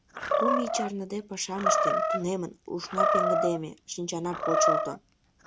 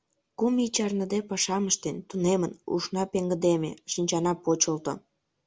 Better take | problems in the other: second | background sound (Animal); 5 dB above the speech

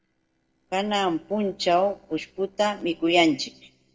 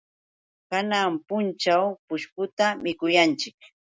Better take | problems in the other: second | noise reduction (neural separator model SepFormer DNS4)

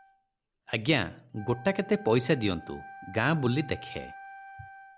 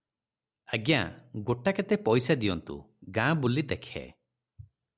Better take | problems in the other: second | background sound (Wind instrument, woodwind instrument); 17 dB below the speech

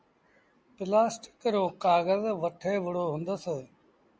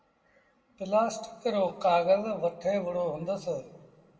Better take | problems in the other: first | room echo; dies away in 1.2 s

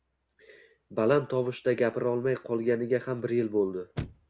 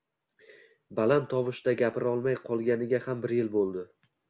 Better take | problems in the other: second | background sound (Chirp, tweet / Slam / Car); 19 dB below the speech

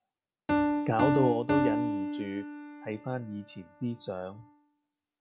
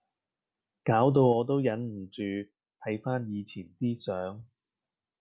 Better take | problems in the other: second | background sound (Piano); 1 dB above the speech

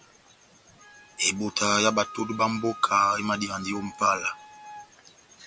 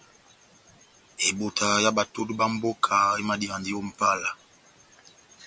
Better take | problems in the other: second | background sound (Wind instrument, woodwind instrument); 17 dB below the speech

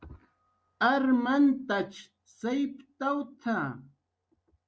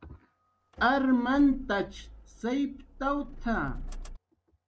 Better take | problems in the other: first | background sound (Motor vehicle (road)); 12 dB below the speech

